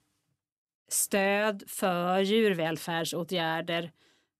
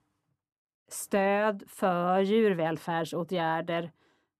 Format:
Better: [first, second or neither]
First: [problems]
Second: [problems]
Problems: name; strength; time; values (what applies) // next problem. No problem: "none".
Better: first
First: none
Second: muffled; slightly; fading above 2 kHz